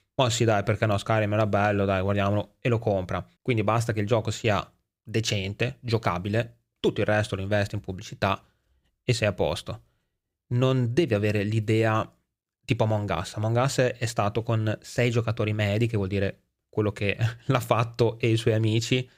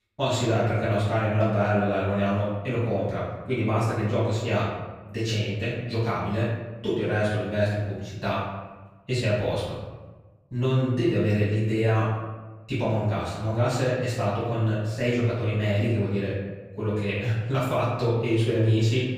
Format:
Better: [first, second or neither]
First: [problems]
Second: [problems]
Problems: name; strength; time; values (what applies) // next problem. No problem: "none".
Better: first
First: none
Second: room echo; noticeable; dies away in 1.1 s // off-mic speech; far